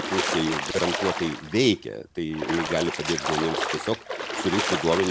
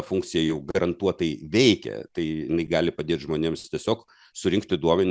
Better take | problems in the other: second | background sound (Splash, splatter); 3 dB below the speech

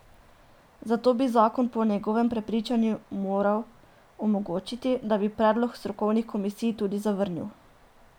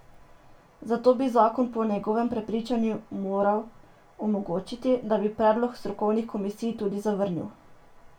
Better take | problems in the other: first | room echo; dies away in 0.2 s

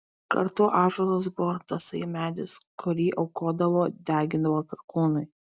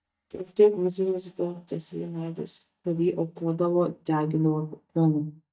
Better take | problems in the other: first | noise reduction (neural mask model DeepFilterNet 3)

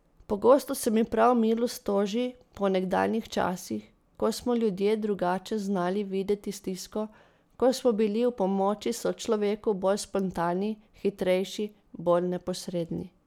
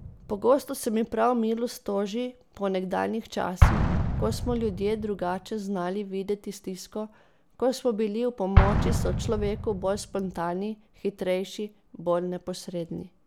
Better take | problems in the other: first | background sound (Explosion); 1 dB below the speech

